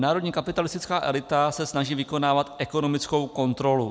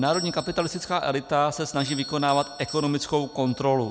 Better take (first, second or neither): first